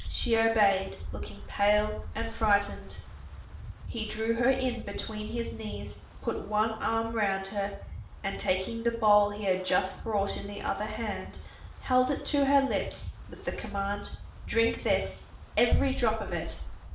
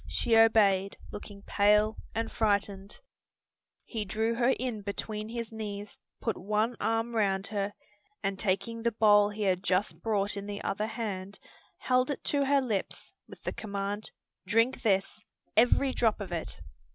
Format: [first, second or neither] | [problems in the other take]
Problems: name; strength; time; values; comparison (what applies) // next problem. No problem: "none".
second | background sound (Wind); 12 dB below the speech // room echo; dies away in 0.5 s